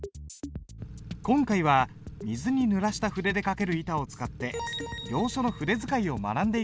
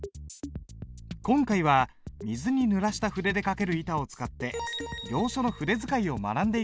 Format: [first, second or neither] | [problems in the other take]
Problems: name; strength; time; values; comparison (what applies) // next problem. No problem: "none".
second | background sound (Engine / Truck / Car); 18 dB below the speech